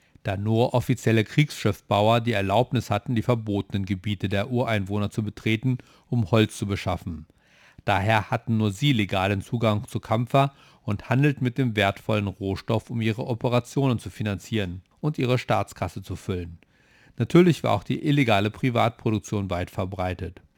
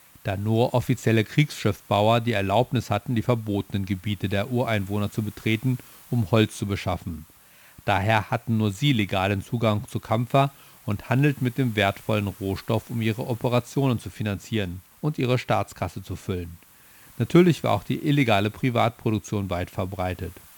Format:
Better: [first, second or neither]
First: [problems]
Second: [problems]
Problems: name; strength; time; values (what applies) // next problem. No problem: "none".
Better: first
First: none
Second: hiss; faint; throughout; 25 dB below the speech